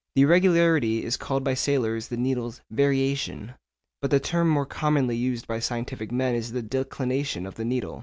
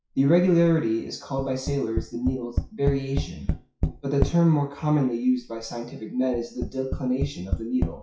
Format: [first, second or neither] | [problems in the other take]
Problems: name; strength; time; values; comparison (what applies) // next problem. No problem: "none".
first | noise reduction (classical method WPE with log-MMSE)